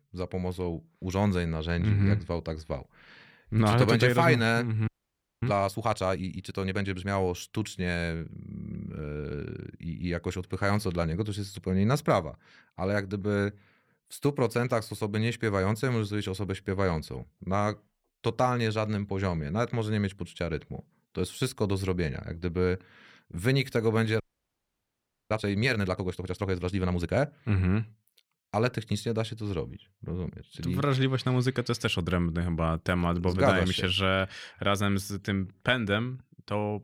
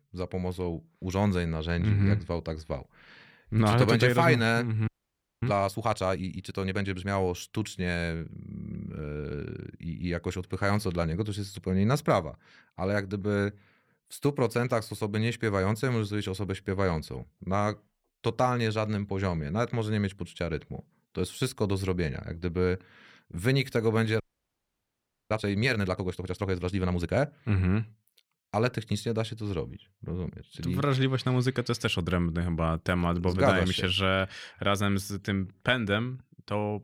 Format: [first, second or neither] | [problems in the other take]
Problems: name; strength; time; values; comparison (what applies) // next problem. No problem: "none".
neither | audio freezing; at 5 s for 0.5 s and at 24 s for 1 s; the same in both